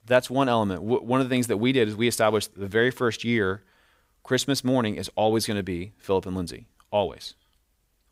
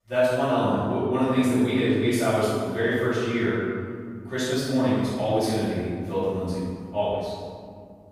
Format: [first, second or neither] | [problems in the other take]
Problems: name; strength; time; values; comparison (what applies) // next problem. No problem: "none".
first | off-mic speech; far // room echo; strong; dies away in 2.1 s